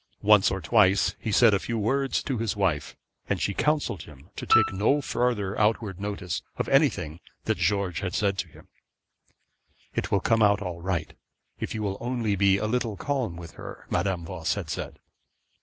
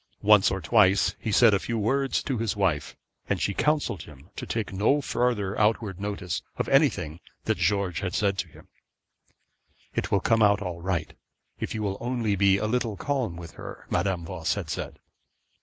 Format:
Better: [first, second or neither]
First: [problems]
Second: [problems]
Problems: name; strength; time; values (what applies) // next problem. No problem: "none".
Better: second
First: background sound (Piano); 3 dB below the speech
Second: none